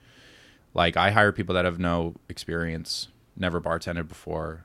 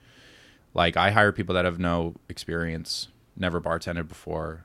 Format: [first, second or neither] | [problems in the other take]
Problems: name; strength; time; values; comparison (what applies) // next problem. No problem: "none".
neither | none